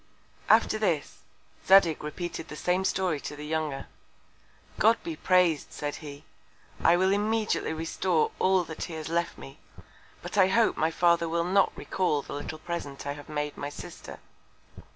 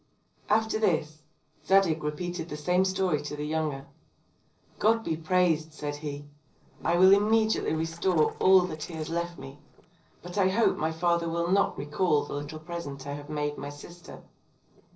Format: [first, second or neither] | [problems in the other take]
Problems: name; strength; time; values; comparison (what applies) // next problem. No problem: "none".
first | noise reduction (neural separator model SepFormer DNS4)